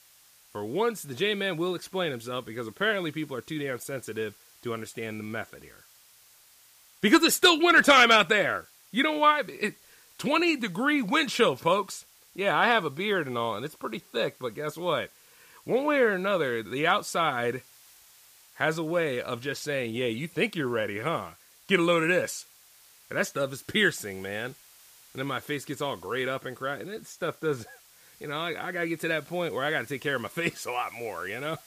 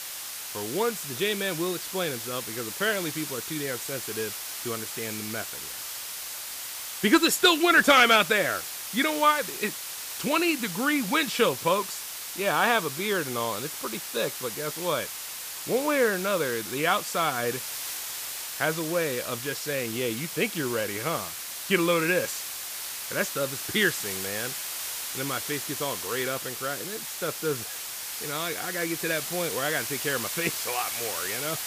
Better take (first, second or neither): first